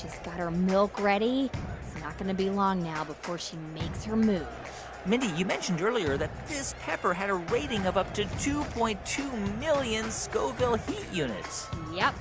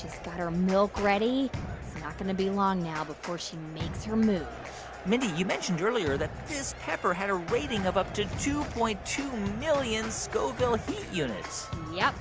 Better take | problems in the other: first | background sound (Gunshot, gunfire); 14 dB below the speech

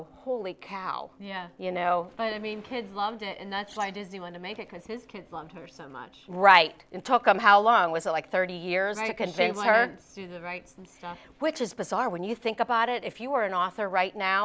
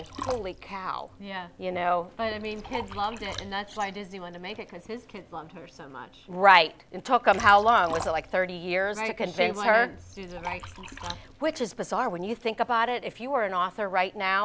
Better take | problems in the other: first | background sound (Liquid); 17 dB below the speech

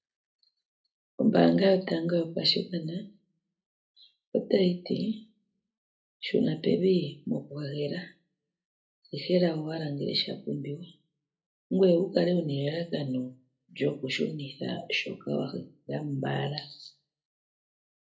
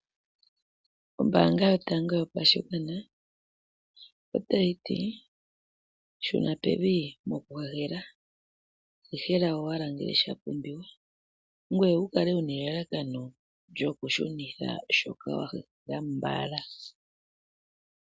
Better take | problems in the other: second | room echo; dies away in 0.3 s

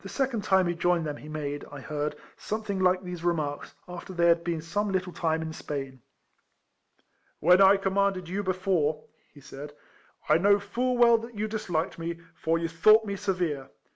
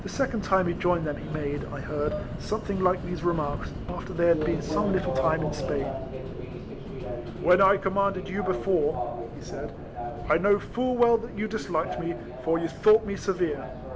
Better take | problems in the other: first | background sound (Subway, metro, underground); 6 dB below the speech

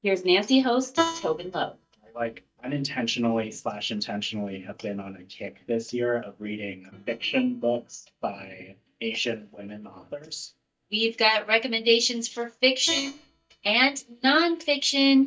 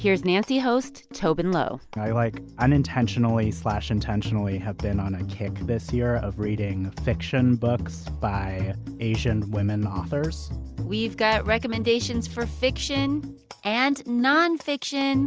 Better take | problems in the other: second | noise reduction (neural mask model DeepFilterNet 3)

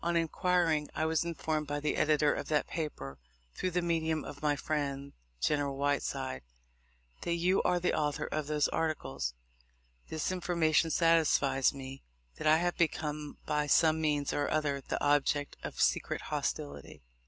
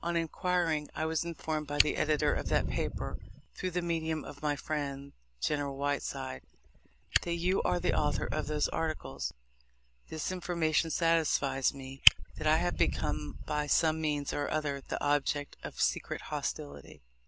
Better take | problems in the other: first | background sound (Fire); 4 dB below the speech

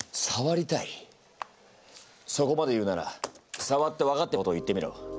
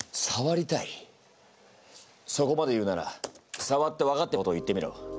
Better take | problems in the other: second | background sound (Camera); 20 dB below the speech

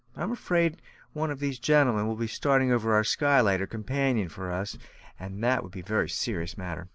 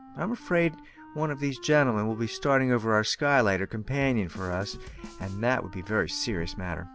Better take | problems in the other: first | background sound (Wind instrument, woodwind instrument + Drum kit); 20 dB below the speech

